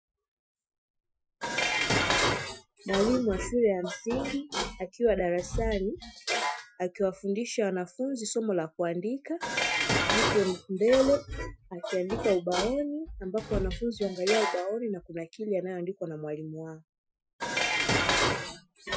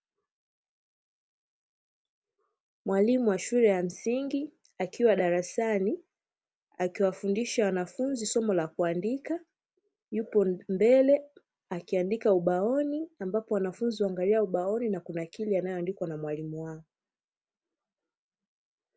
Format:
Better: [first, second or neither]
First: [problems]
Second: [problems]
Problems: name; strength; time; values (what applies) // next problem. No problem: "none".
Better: second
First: noise reduction (classical method Wiener filter)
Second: none